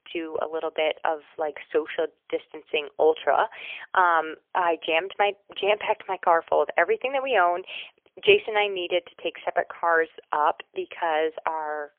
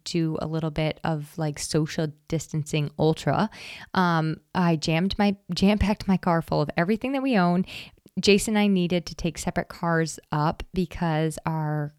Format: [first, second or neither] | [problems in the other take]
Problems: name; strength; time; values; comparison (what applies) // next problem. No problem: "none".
second | phone-call audio; poor line; nothing above 3 kHz